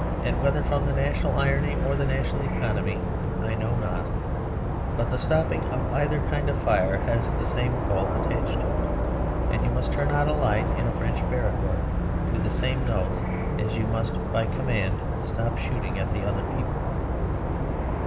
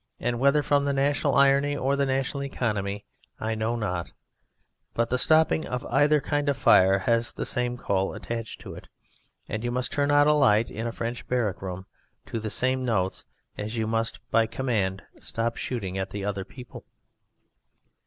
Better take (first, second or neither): second